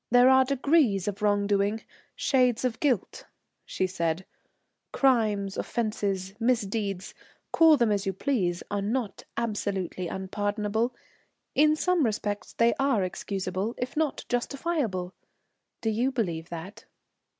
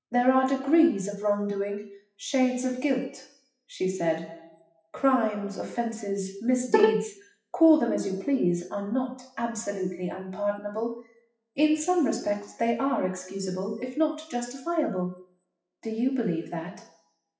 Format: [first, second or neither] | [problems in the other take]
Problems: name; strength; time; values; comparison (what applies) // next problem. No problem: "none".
first | noise reduction (classical method WPE with log-MMSE)